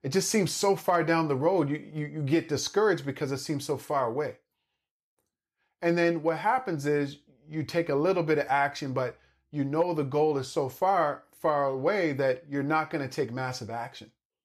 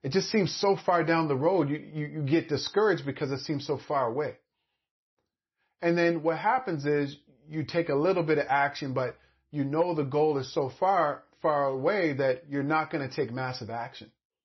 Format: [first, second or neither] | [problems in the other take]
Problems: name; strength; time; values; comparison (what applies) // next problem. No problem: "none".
first | garbled, watery; slightly; nothing above 6 kHz